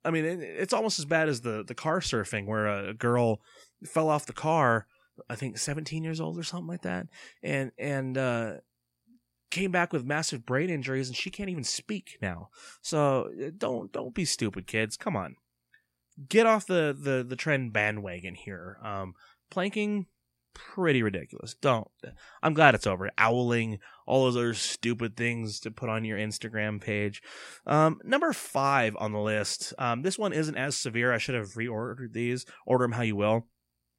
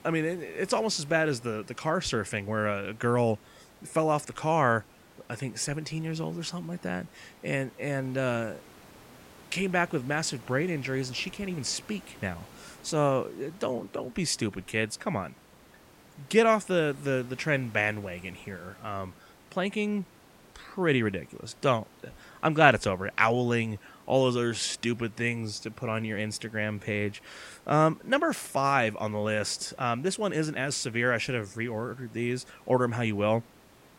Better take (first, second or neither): first